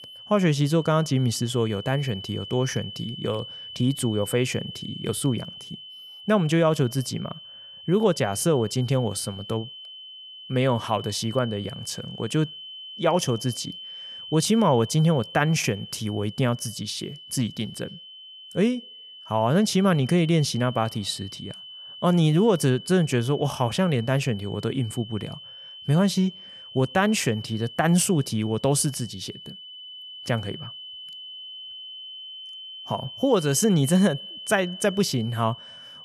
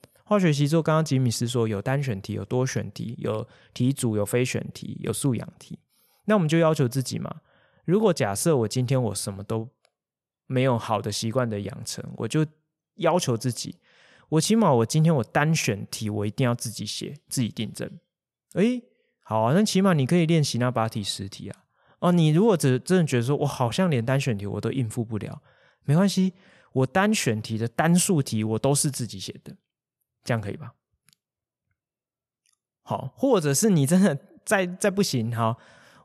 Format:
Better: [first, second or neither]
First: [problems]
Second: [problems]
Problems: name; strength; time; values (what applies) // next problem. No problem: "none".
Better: second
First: high-pitched whine; noticeable; throughout; 3 kHz, 15 dB below the speech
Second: none